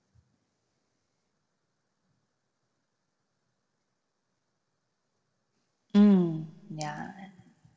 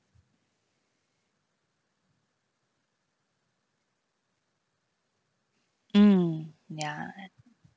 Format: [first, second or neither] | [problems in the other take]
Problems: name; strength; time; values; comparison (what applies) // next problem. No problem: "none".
second | room echo; dies away in 2.3 s